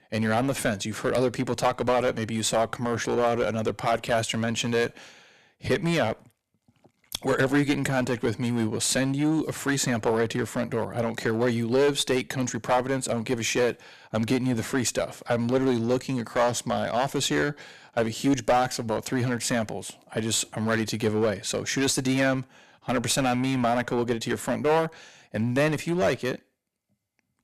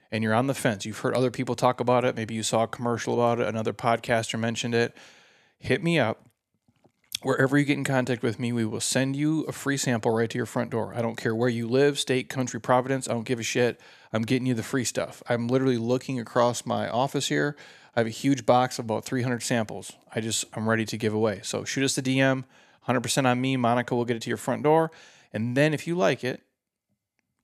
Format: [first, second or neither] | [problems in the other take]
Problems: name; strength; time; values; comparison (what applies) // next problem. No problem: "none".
second | distortion; heavy; 7% of the sound clipped